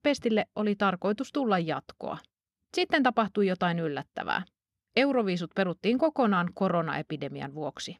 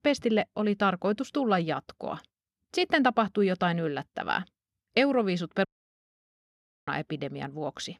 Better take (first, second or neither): first